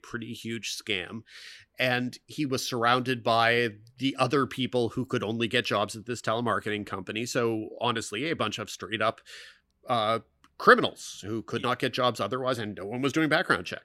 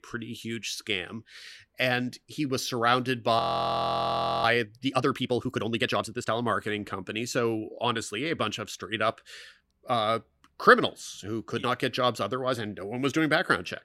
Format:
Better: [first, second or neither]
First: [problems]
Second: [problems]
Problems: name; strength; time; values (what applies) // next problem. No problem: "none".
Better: first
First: none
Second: audio freezing; at 3.5 s for 1 s